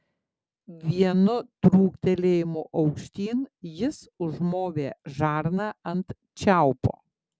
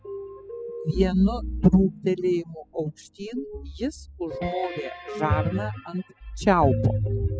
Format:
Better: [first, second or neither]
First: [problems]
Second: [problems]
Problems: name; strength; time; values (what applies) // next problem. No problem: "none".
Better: first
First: none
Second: noise reduction (classical method spectral subtraction)